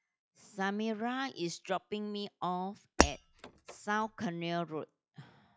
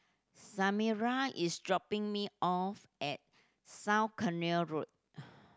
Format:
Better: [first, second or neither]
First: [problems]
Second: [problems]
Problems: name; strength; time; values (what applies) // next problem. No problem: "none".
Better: second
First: noise reduction (classical method log-MMSE)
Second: none